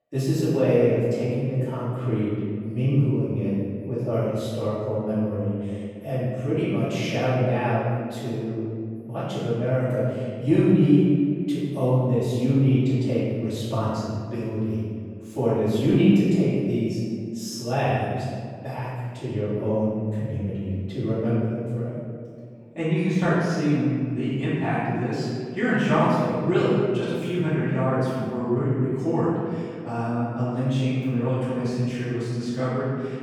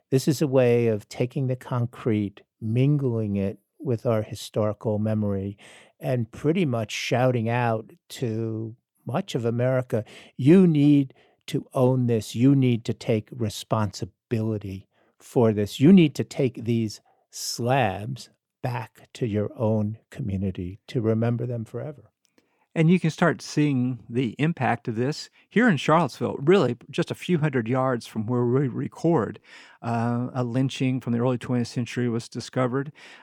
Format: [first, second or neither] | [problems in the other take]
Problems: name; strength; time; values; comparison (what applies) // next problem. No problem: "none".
second | off-mic speech; far // room echo; strong; dies away in 1.9 s